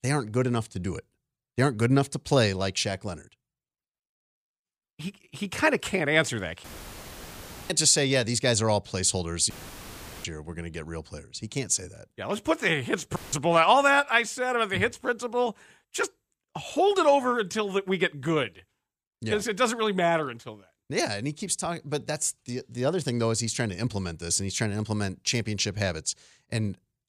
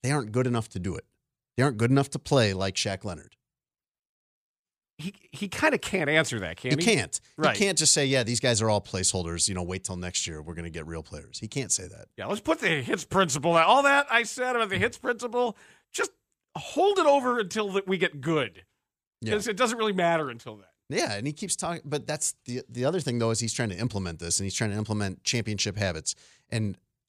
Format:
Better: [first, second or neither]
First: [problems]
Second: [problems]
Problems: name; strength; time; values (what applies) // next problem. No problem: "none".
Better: second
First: audio cutting out; filled with static; at 6.5 s for 1 s, at 9.5 s for 0.5 s and at 13 s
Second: none